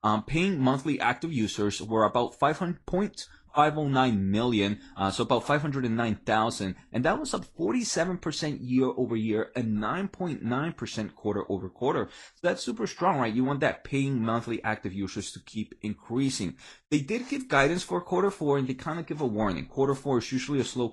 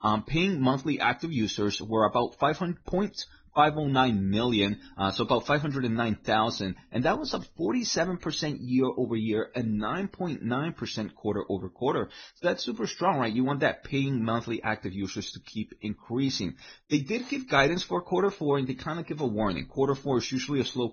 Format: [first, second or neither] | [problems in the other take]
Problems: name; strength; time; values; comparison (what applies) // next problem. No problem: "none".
first | garbled, watery; badly; nothing above 6.5 kHz; slightly in the first